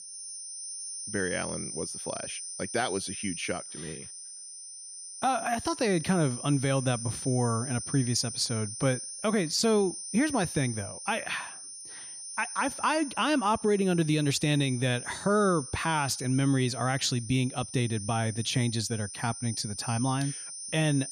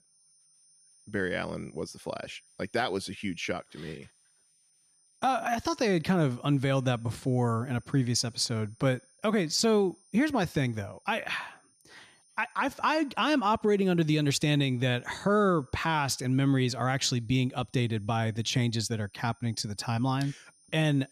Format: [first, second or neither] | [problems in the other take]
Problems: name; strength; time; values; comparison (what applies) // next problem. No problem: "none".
second | high-pitched whine; loud; throughout; 9 kHz, 9 dB below the speech; faint in the second